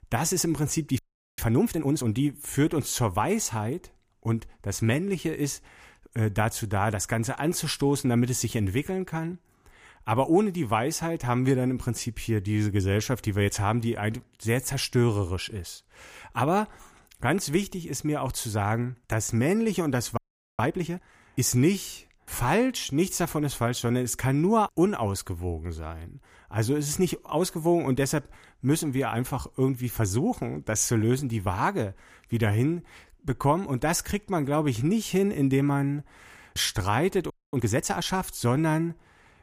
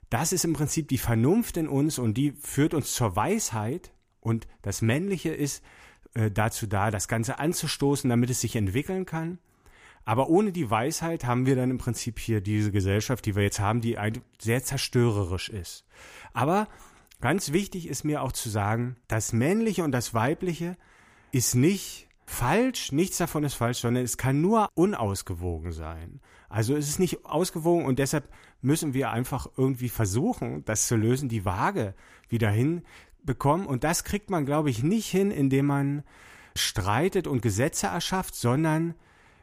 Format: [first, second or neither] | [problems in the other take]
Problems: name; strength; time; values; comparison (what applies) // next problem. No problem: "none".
second | audio freezing; at 1 s, at 20 s and at 37 s